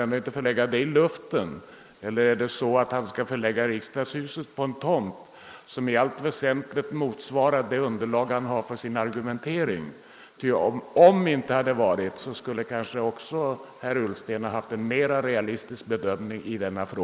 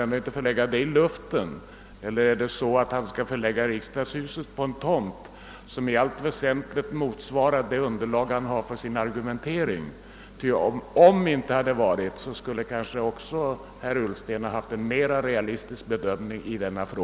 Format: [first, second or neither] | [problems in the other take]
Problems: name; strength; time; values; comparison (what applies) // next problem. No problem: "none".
second | noise reduction (neural mask model Resemble Enhance denoiser)